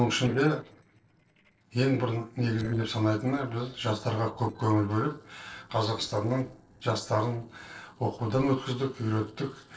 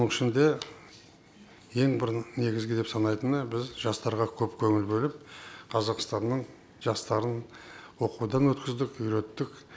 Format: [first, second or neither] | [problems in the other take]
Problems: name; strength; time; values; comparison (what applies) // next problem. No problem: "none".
second | noise reduction (neural separator model SepFormer DNS4)